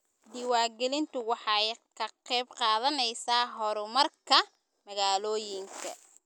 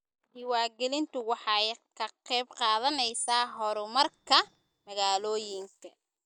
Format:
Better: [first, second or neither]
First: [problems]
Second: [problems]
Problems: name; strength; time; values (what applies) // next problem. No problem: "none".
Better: first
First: none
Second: noise reduction (neural mask model DeepFilterNet 3)